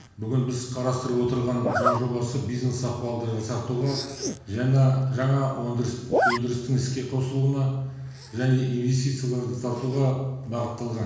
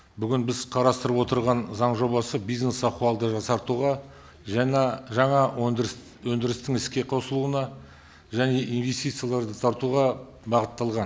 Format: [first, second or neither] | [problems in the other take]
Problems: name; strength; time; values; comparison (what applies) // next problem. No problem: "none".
second | background sound (Zipper (clothing)); 8 dB below the speech // room echo; dies away in 1.1 s